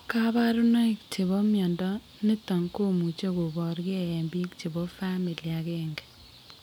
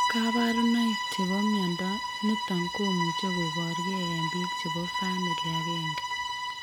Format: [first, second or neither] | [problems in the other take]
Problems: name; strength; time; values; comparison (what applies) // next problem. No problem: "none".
first | background sound (Bowed string instrument); 2 dB below the speech